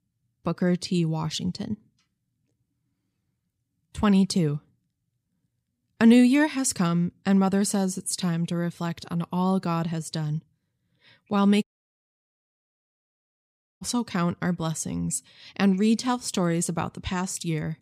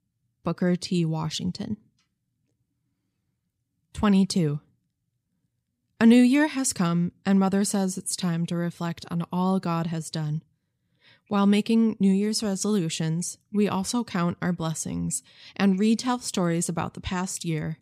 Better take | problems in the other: second | audio cutting out; at 12 s for 2 s

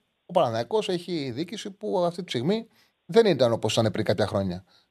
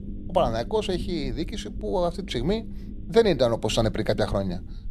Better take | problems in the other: first | low rumble; faint; throughout; 20 dB below the speech

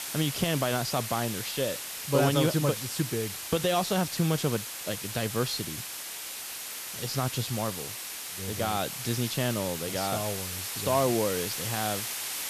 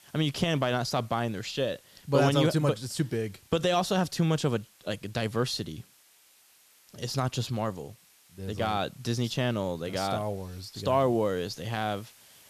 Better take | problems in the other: second | hiss; loud; throughout; 4 dB below the speech; faint in the second

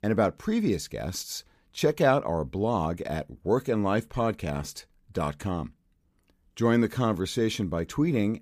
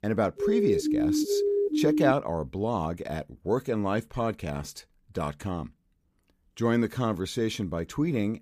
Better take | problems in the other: first | siren; loud; until 2 s; peak 4 dB above the speech

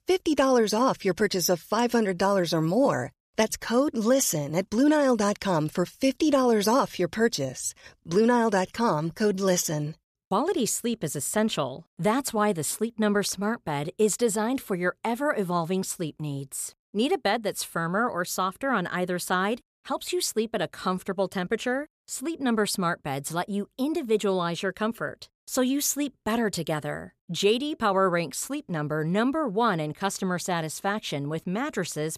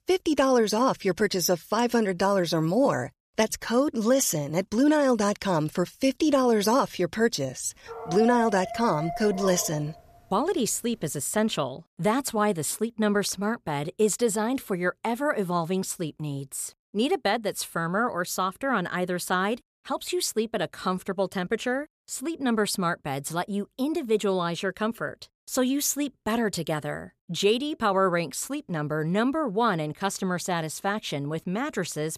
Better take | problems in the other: first | dog barking; noticeable; from 8 to 10 s; peak 6 dB below the speech

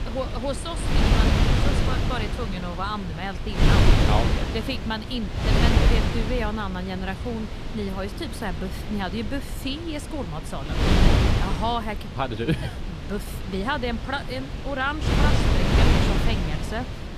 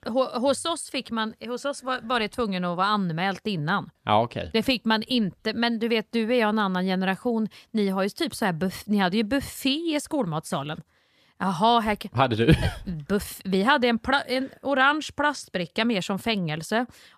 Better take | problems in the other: second | wind noise on the microphone; heavy; 1 dB above the speech

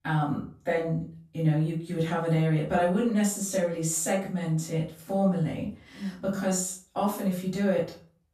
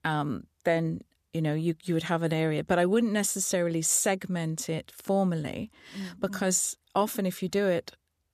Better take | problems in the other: second | off-mic speech; far // room echo; noticeable; dies away in 0.4 s

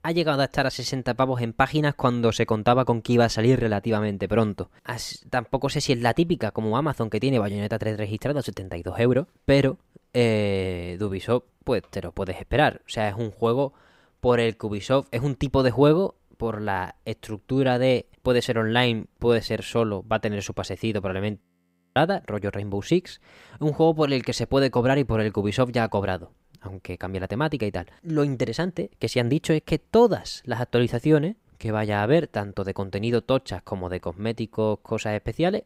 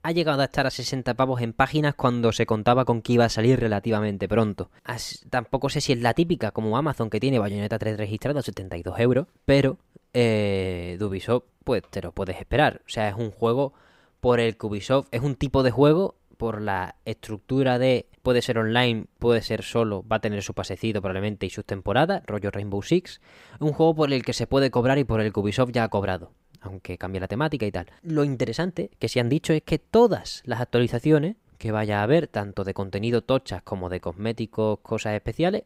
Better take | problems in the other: second | audio freezing; at 21 s for 0.5 s

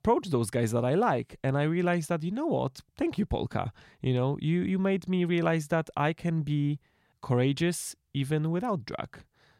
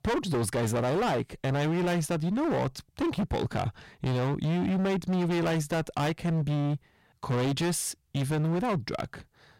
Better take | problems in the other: first | distortion; heavy; 27% of the sound clipped

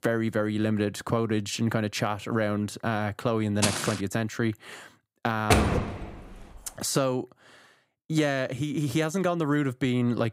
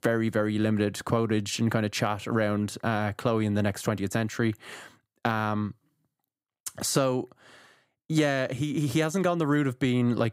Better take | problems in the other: second | footsteps; loud; at 3.5 s; peak 1 dB above the speech // door banging; loud; at 5.5 s; peak 5 dB above the speech

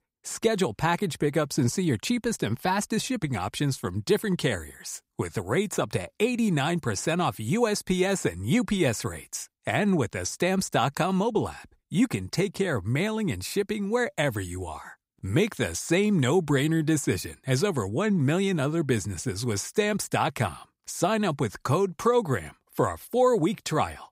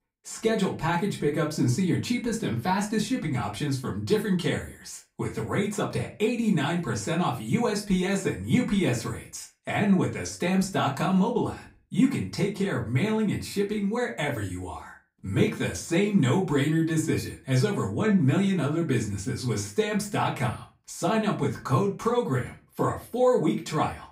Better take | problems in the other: first | off-mic speech; far // room echo; very slight; dies away in 0.3 s

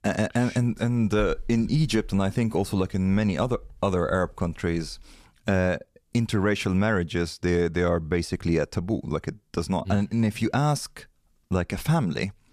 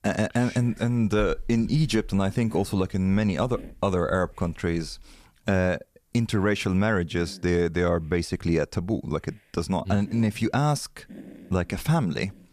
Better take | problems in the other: first | hiss; faint; throughout; 25 dB below the speech

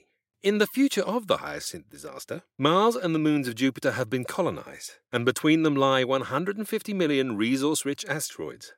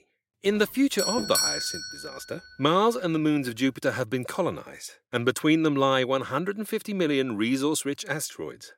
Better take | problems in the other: first | doorbell; loud; from 1 to 2 s; peak 2 dB above the speech

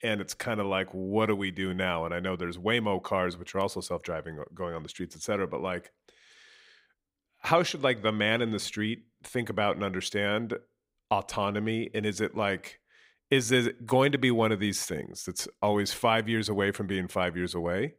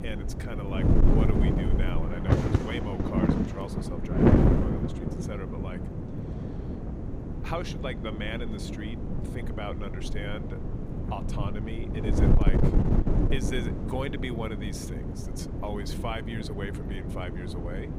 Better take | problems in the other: first | wind noise on the microphone; heavy; 2 dB above the speech

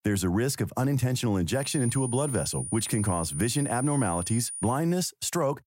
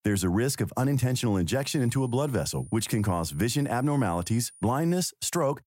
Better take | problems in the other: second | high-pitched whine; loud; from 1.5 to 4.5 s; 9.5 kHz, 7 dB below the speech; faint in the second

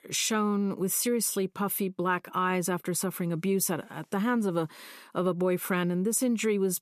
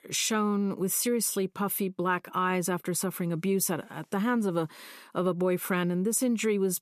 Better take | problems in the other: neither | none

